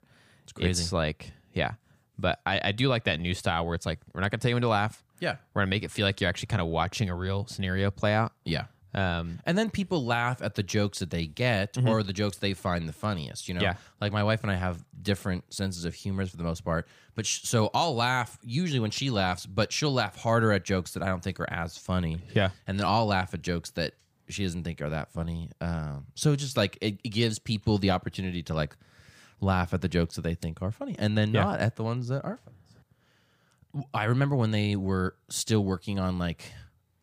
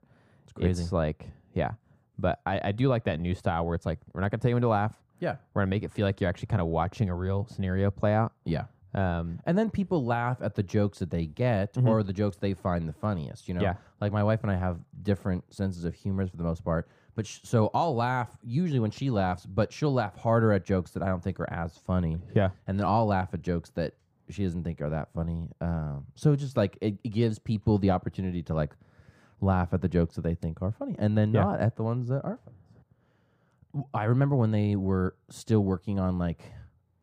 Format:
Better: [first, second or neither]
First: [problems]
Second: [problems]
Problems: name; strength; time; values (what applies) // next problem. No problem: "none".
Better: first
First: none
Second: muffled; slightly; fading above 1.5 kHz